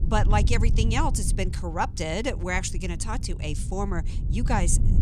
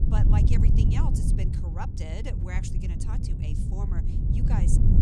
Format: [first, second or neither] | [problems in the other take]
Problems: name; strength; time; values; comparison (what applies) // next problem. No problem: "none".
first | wind noise on the microphone; heavy; 1 dB above the speech; occasional gusts in the first